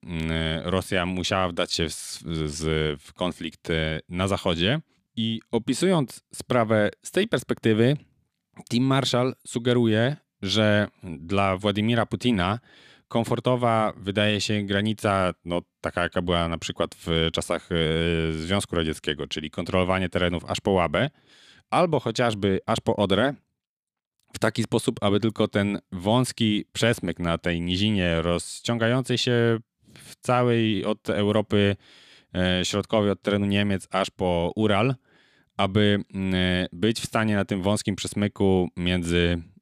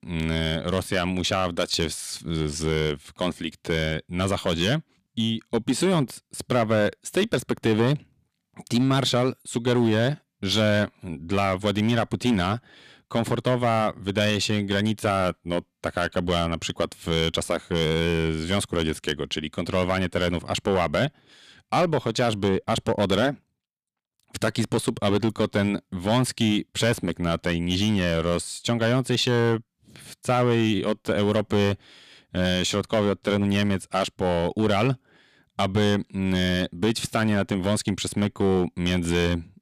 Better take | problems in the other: first | distortion; slight; 5% of the sound clipped

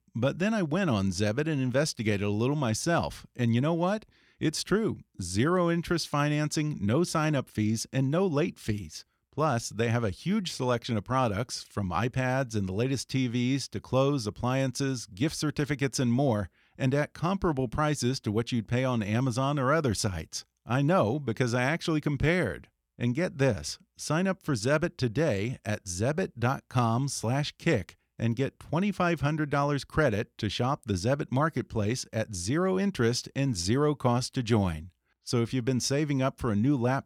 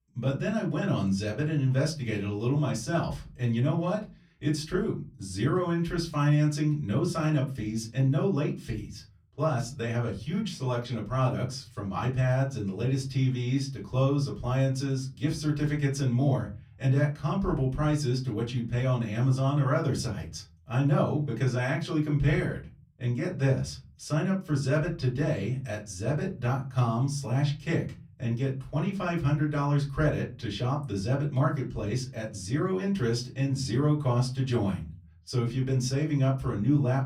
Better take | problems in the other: first | off-mic speech; far // room echo; very slight; dies away in 0.4 s

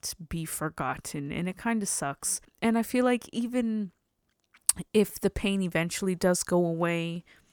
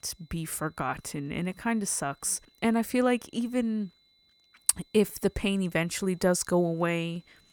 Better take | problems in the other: first | high-pitched whine; faint; throughout; 4 kHz, 35 dB below the speech

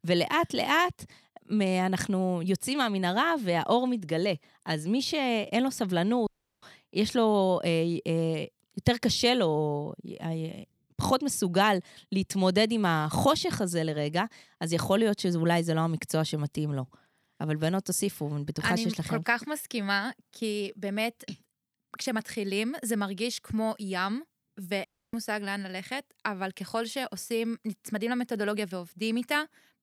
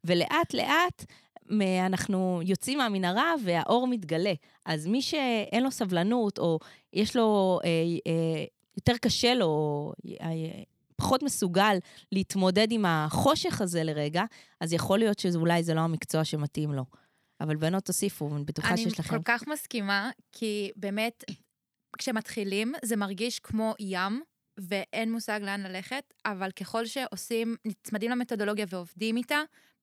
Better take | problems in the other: second | audio cutting out; at 6.5 s and at 25 s

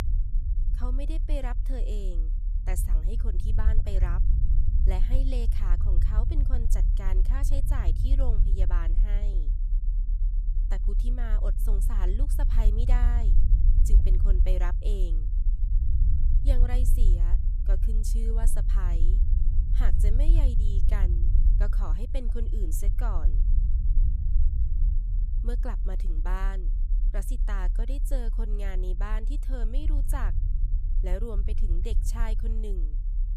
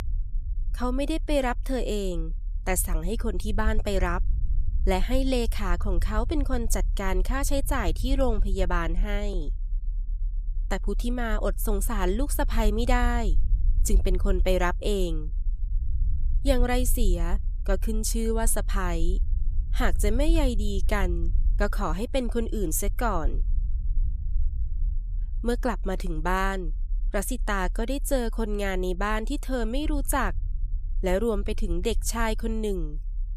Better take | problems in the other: second | low rumble; loud; throughout; 7 dB below the speech; faint in the second

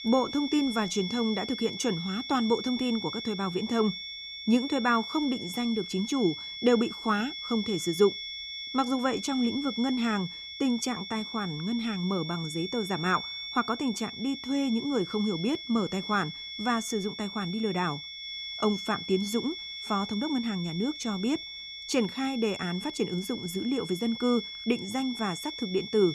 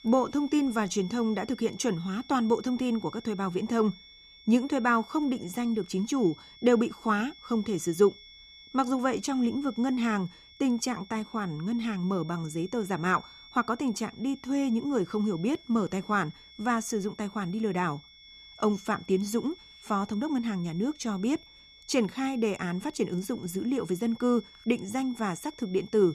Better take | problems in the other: second | high-pitched whine; loud; throughout; 3.5 kHz, 7 dB below the speech; faint in the second

